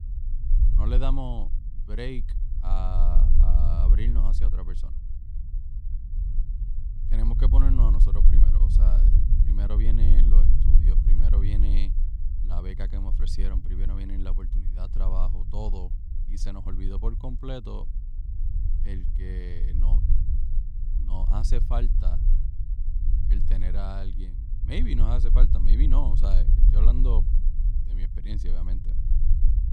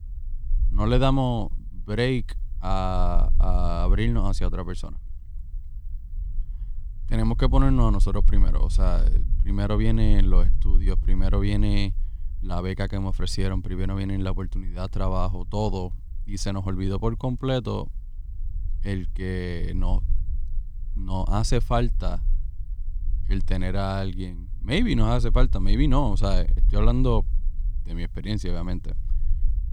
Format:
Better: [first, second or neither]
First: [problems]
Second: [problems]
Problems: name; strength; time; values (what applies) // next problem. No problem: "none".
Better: second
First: low rumble; loud; throughout; 6 dB below the speech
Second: low rumble; faint; throughout; 20 dB below the speech